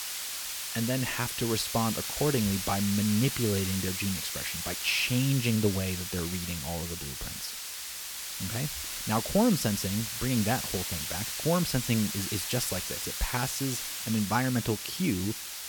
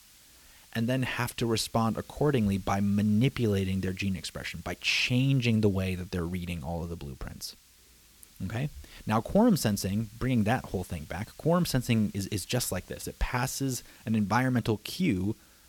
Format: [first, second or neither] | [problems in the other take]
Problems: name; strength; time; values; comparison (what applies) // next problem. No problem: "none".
second | hiss; loud; throughout; 3 dB below the speech; faint in the second